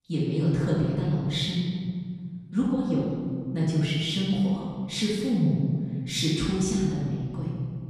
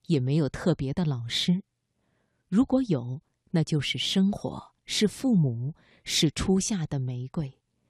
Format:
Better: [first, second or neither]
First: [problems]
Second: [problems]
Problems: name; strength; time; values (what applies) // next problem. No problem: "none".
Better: second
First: room echo; strong; dies away in 2 s // off-mic speech; far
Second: none